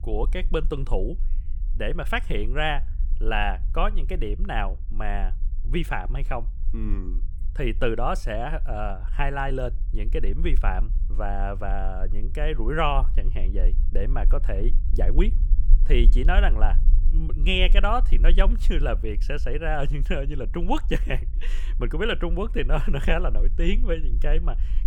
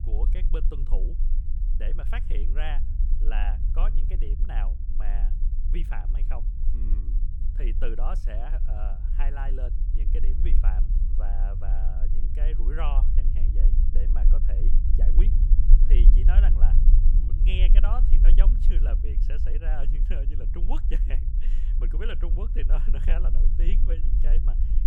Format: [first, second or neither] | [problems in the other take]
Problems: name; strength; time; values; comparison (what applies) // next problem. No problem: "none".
first | low rumble; loud; throughout; 7 dB below the speech; faint in the first